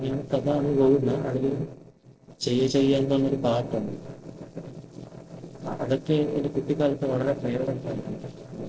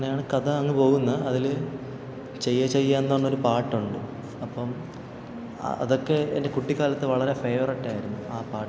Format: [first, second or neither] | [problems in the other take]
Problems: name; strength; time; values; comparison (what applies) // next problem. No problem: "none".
second | noise reduction (neural separator model SepFormer DNS4)